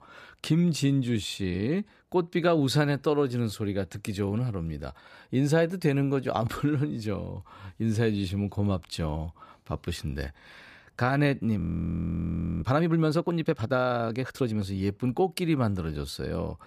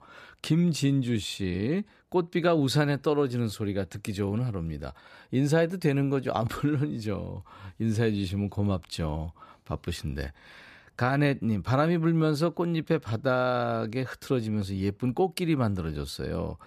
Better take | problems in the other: second | audio freezing; at 12 s for 1 s

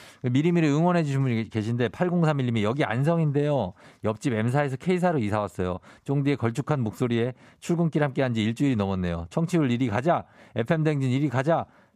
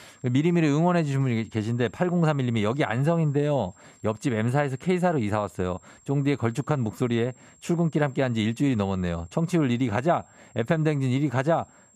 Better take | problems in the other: first | high-pitched whine; faint; throughout; 7.5 kHz, 30 dB below the speech

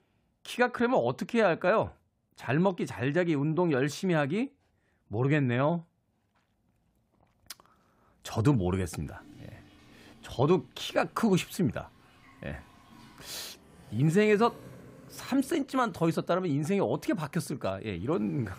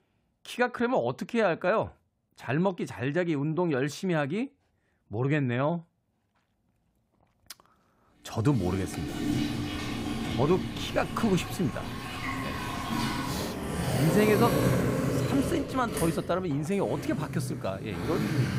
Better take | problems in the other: first | household noises; loud; from 9 s on; 3 dB below the speech; faint in the first

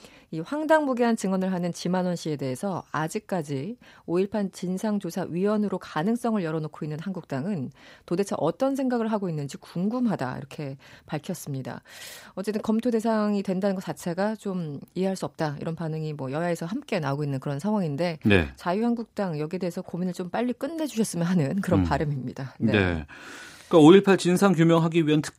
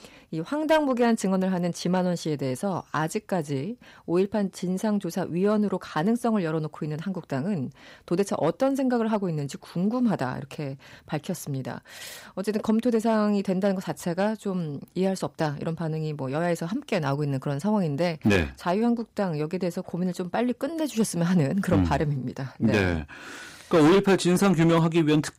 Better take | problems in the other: first | distortion; slight; 2% of the sound clipped

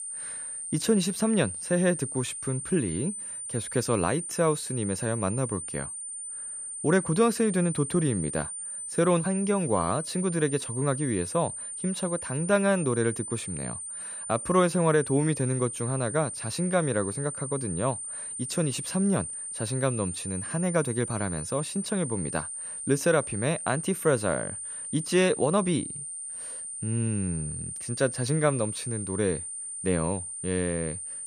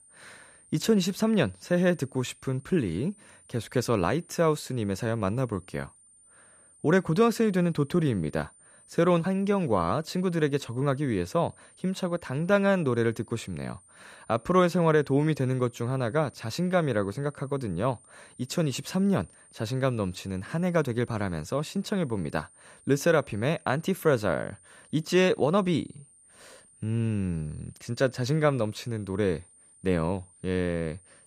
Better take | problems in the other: second | high-pitched whine; loud; throughout; 9 kHz, 6 dB below the speech; faint in the second

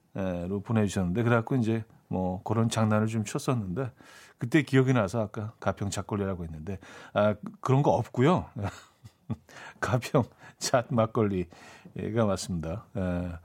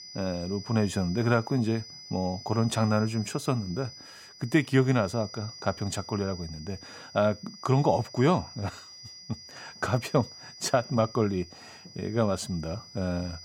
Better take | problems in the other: first | high-pitched whine; noticeable; throughout; 5 kHz, 15 dB below the speech

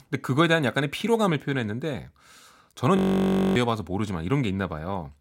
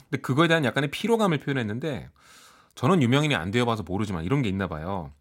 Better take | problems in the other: second | audio freezing; at 3 s for 0.5 s

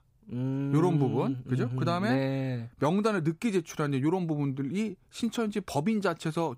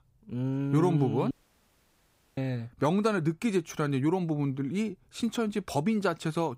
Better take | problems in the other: first | audio cutting out; at 1.5 s for 1 s

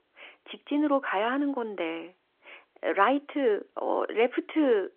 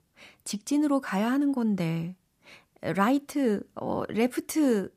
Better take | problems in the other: second | phone-call audio; nothing above 3.5 kHz

